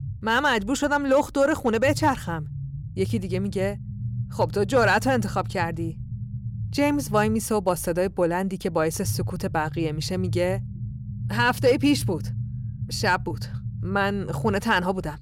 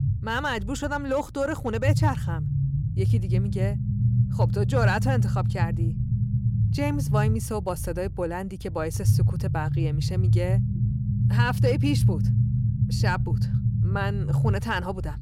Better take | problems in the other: first | low rumble; loud; throughout; 7 dB below the speech; faint in the first

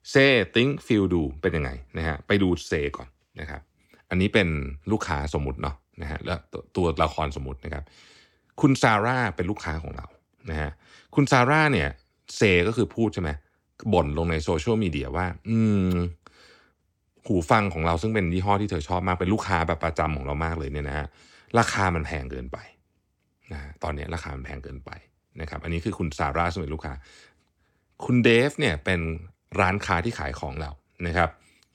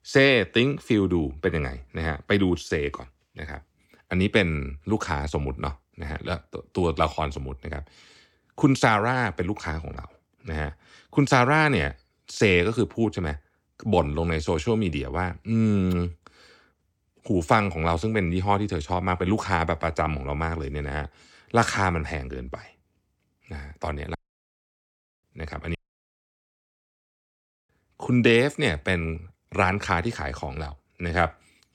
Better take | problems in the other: first | audio cutting out; at 24 s for 1 s and at 26 s for 2 s

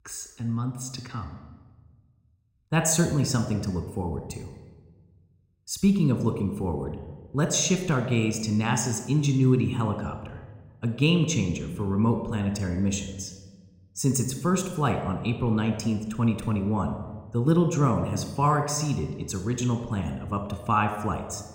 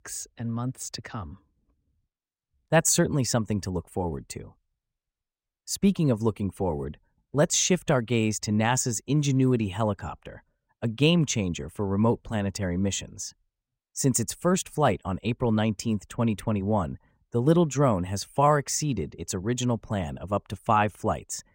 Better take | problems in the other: second | room echo; slight; dies away in 0.9 s

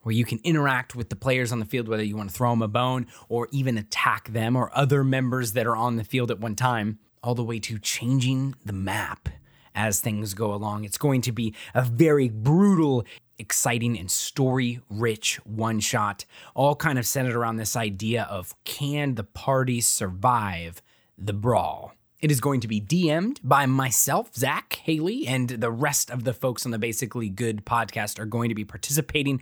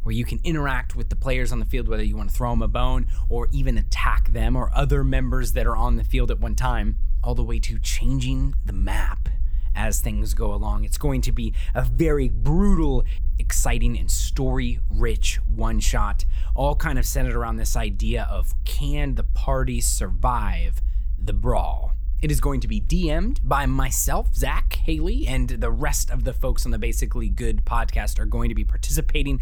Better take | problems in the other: first | low rumble; faint; throughout; 20 dB below the speech

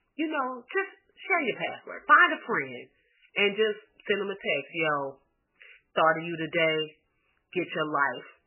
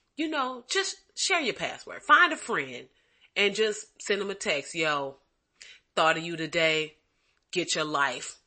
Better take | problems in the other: second | garbled, watery; badly; nothing above 3 kHz; slightly in the second

